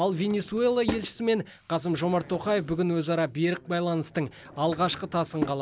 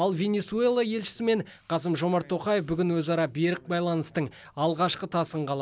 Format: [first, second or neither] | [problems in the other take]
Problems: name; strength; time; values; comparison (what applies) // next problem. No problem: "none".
second | background sound (Drawer open or close / Wood); 14 dB below the speech